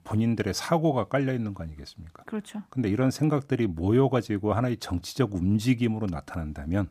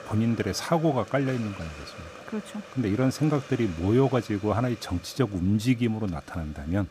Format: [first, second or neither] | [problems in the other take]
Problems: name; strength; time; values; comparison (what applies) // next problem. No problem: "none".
first | hiss; noticeable; throughout; 20 dB below the speech